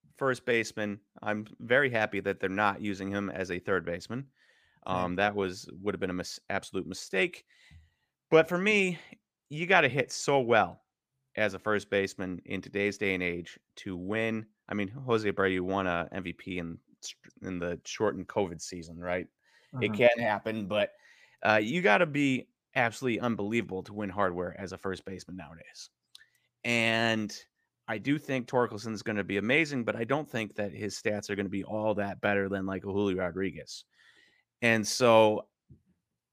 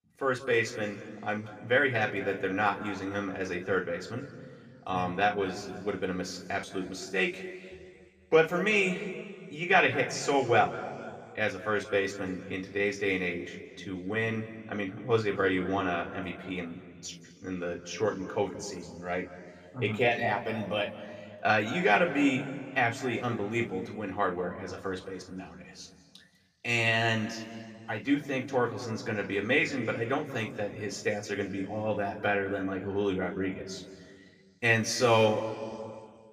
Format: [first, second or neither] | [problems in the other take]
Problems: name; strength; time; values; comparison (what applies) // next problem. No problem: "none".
first | room echo; slight; dies away in 1.8 s // off-mic speech; somewhat distant